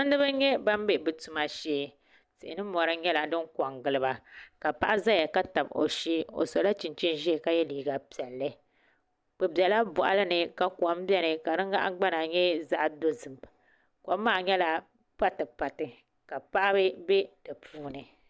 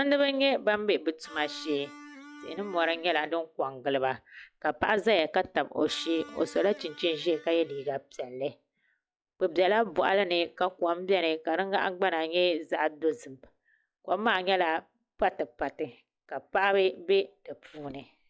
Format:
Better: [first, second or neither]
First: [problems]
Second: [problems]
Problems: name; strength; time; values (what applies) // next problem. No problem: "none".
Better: first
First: none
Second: noise reduction (classical method log-MMSE)